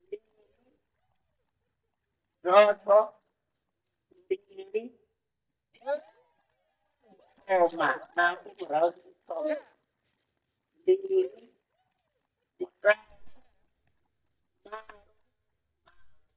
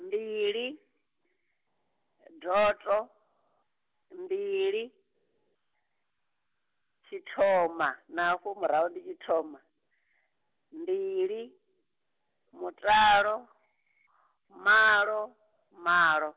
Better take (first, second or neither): second